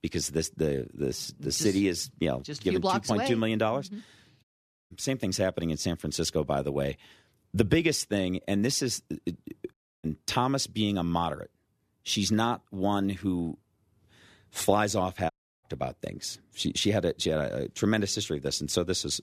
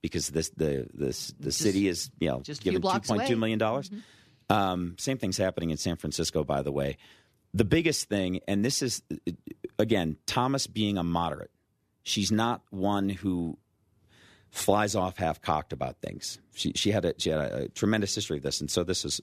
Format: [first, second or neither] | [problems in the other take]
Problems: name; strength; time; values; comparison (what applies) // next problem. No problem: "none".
second | audio cutting out; at 4.5 s, at 9.5 s and at 15 s